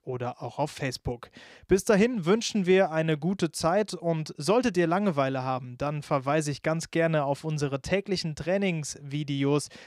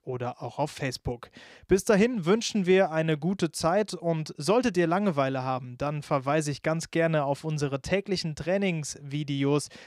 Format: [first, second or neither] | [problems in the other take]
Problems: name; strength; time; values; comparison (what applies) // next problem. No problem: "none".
neither | none